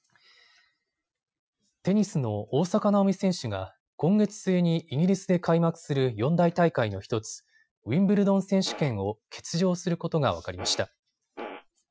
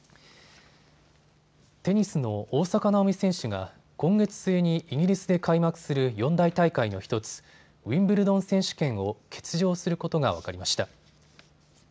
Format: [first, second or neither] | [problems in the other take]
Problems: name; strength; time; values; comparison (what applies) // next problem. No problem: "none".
second | noise reduction (classical method Wiener filter)